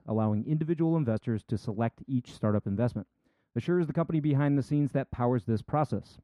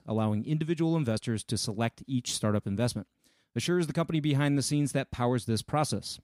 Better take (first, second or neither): second